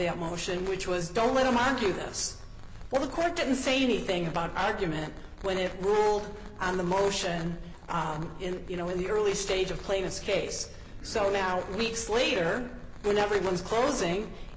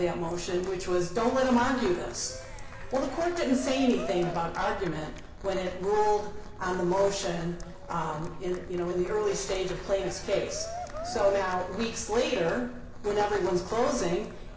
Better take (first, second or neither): first